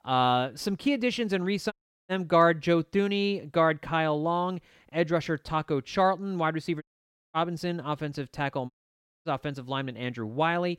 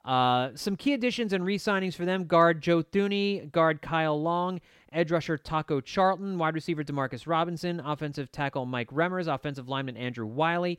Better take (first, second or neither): second